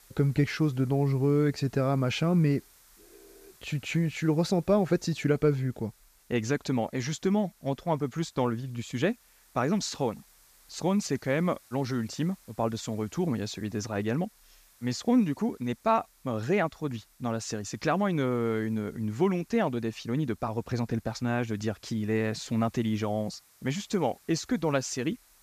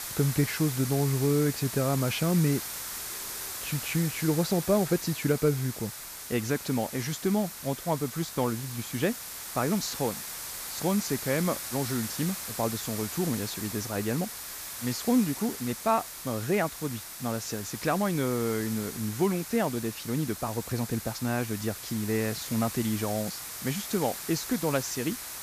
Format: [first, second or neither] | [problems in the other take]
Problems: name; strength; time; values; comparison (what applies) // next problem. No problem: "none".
first | hiss; loud; throughout; 6 dB below the speech; faint in the first